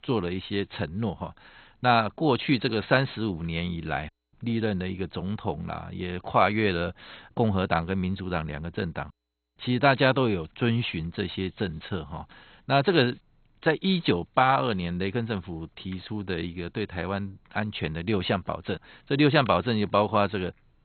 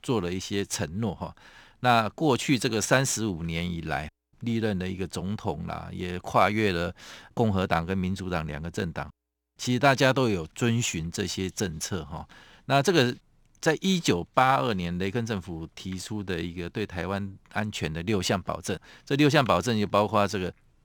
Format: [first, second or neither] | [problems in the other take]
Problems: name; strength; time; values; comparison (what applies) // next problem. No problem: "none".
second | garbled, watery; badly; nothing above 4 kHz